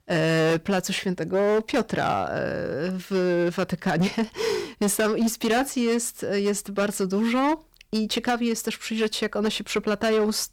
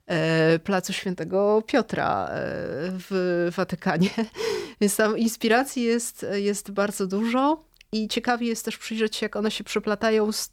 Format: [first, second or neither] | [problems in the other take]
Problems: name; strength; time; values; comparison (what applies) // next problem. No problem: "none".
second | distortion; slight; 11% of the sound clipped